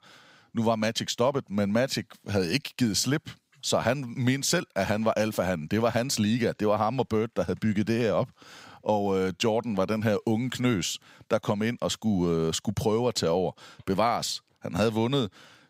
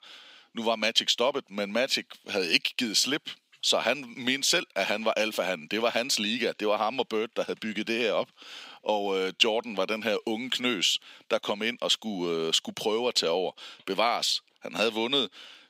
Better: first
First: none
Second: thin; very slightly; fading below 250 Hz

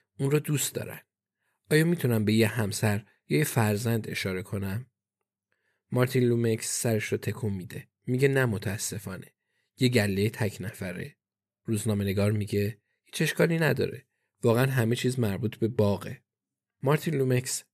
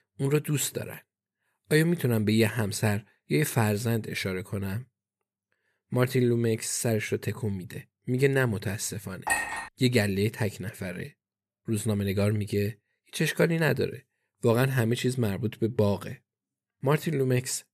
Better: first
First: none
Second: clattering dishes; noticeable; at 9.5 s; peak level with the speech

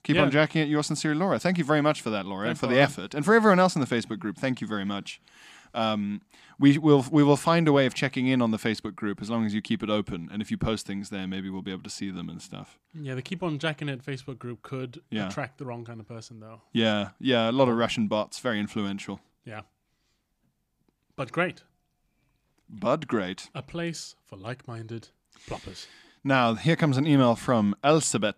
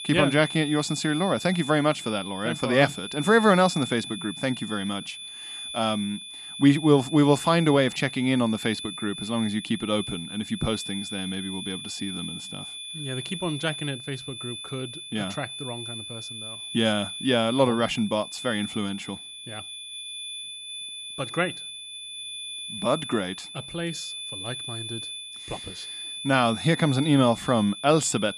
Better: first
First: none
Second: high-pitched whine; loud; throughout; 3.5 kHz, 10 dB below the speech

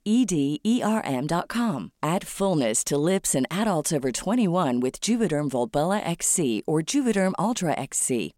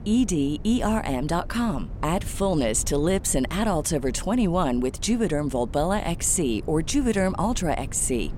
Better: first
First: none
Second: low rumble; faint; throughout; 20 dB below the speech

